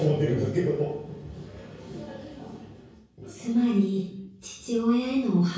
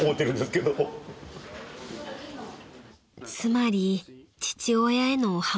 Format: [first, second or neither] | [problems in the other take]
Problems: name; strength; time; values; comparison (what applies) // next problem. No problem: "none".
second | room echo; dies away in 0.6 s